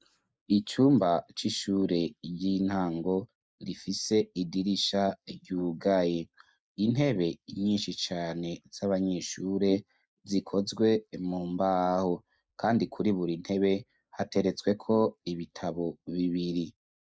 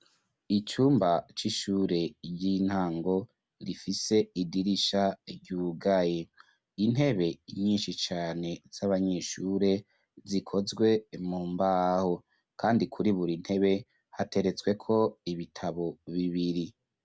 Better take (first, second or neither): second